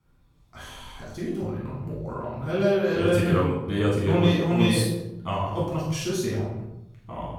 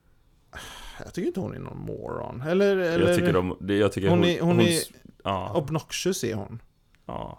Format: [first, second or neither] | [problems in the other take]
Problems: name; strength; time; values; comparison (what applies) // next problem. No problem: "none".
second | off-mic speech; far // room echo; noticeable; dies away in 0.8 s